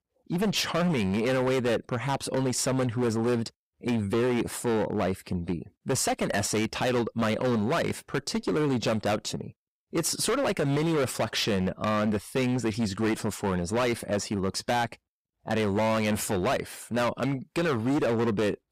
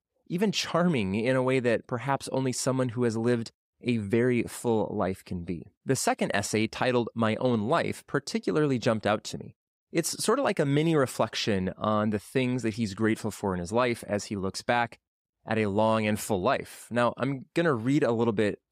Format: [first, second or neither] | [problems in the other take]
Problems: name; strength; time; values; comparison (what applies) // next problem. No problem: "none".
second | distortion; heavy; 19% of the sound clipped